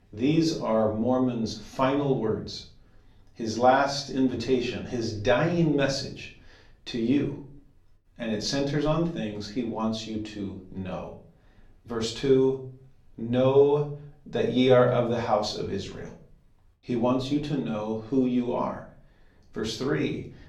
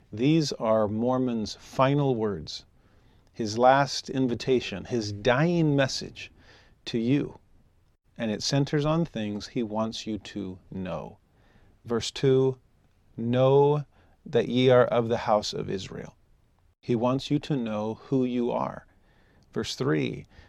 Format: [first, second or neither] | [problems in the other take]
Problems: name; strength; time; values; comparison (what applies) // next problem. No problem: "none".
second | room echo; slight; dies away in 0.4 s // off-mic speech; far